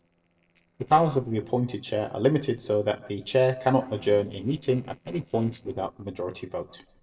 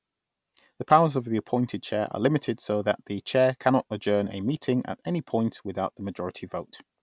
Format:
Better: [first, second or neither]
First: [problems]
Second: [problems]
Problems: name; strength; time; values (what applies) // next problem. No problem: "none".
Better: second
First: noise reduction (neural separator model SepFormer DNS4)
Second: none